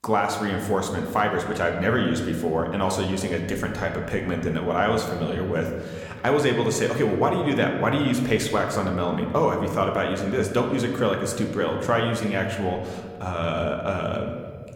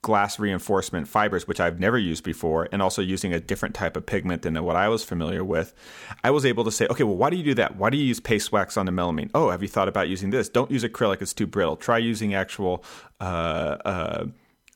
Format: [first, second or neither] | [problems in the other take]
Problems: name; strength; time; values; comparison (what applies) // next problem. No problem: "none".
second | room echo; slight; dies away in 1.6 s